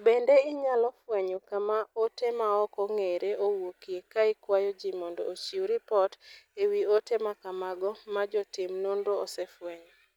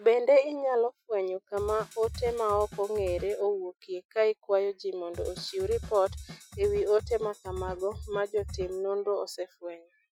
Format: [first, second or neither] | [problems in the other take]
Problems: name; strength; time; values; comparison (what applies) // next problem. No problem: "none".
first | noise reduction (classical method Wiener filter)